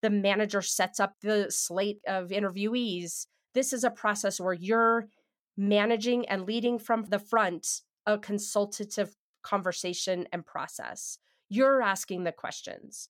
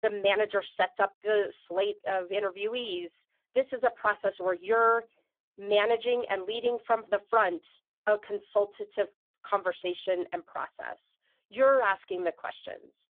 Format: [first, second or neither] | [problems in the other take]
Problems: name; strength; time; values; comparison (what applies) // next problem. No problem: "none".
first | phone-call audio; poor line; nothing above 3.5 kHz